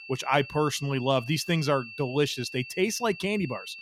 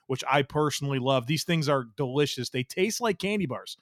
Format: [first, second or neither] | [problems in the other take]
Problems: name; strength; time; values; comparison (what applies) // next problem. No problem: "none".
second | high-pitched whine; noticeable; throughout; 2.5 kHz, 15 dB below the speech